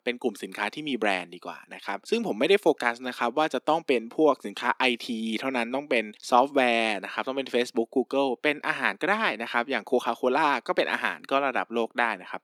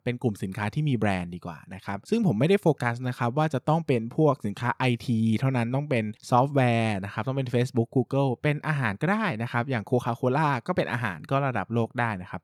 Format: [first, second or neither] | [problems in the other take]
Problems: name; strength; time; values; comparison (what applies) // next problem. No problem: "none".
second | thin; somewhat; fading below 250 Hz